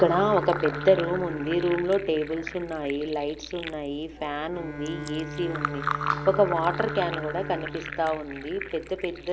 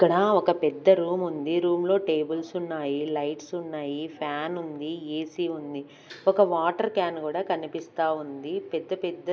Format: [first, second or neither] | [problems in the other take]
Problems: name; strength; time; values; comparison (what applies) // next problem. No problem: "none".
second | background sound (Bowed string instrument + Fill (with liquid)); 7 dB below the speech